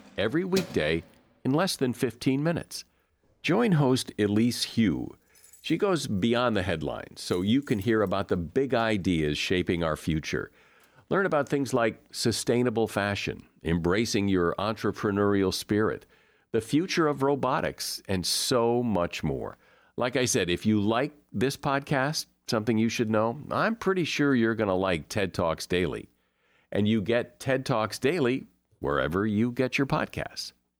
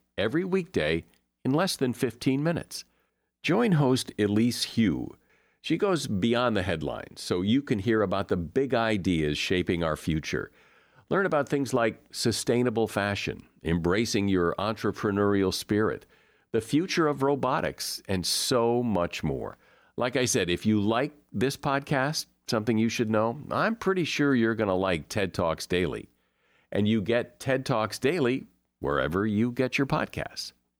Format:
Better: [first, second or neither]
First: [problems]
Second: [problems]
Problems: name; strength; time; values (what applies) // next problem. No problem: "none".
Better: second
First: household noises; noticeable; throughout; 20 dB below the speech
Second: none